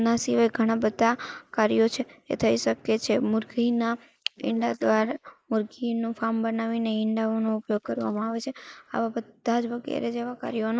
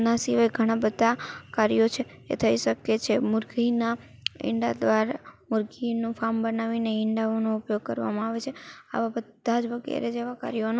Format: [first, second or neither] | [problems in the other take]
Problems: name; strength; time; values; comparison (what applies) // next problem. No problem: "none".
second | noise reduction (neural mask model Resemble Enhance denoiser)